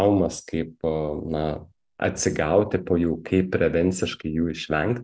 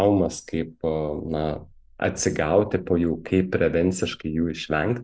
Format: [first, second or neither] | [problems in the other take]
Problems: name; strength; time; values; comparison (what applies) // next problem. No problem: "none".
first | noise reduction (neural mask model Resemble Enhance denoiser)